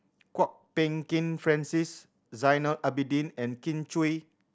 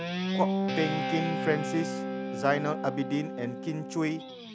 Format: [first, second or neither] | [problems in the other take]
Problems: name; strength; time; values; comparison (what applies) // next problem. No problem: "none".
first | background sound (Guitar); 1 dB below the speech